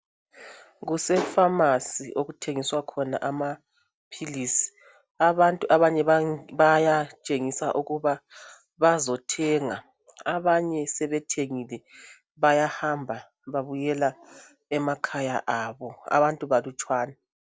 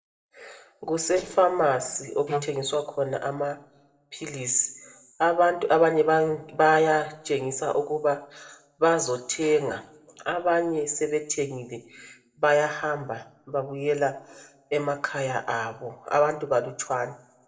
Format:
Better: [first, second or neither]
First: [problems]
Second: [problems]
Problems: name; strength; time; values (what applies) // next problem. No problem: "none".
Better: first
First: none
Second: noise reduction (neural separator model SepFormer DNS4)